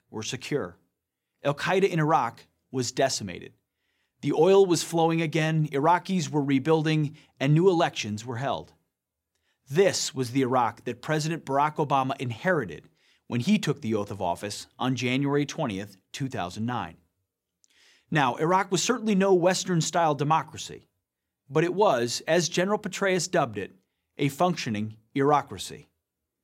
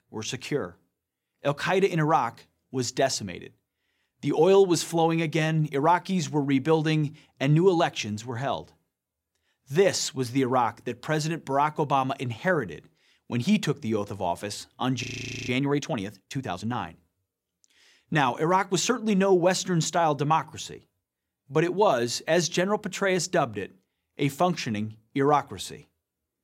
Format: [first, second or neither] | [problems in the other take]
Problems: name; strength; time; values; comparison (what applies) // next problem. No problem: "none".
first | audio freezing; at 15 s